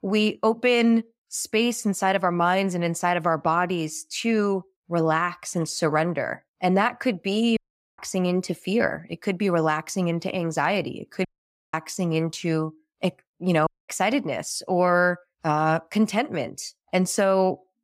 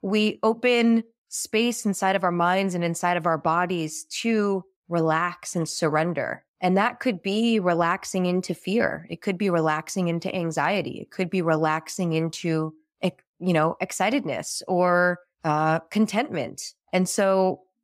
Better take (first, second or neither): second